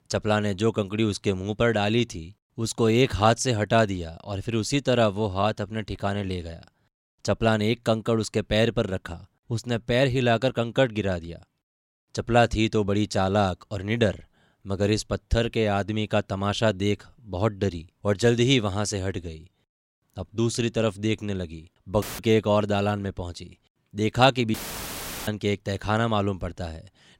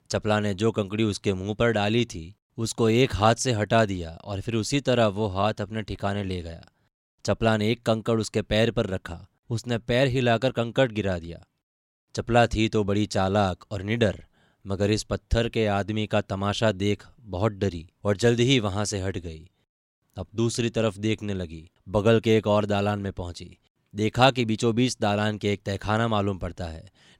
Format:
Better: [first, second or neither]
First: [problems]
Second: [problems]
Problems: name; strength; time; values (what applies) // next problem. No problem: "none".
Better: second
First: audio cutting out; filled with static; at 22 s and at 25 s for 0.5 s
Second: none